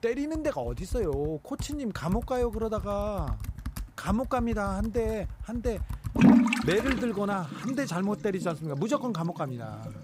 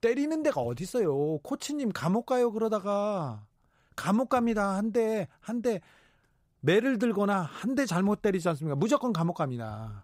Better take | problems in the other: second | household noises; very loud; throughout; as loud as the speech

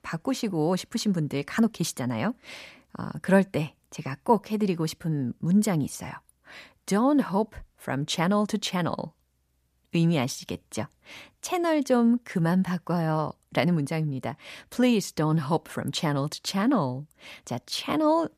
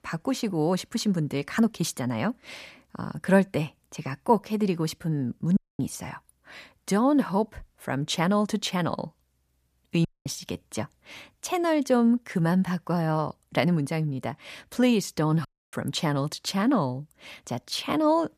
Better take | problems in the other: first | audio cutting out; at 5.5 s, at 10 s and at 15 s

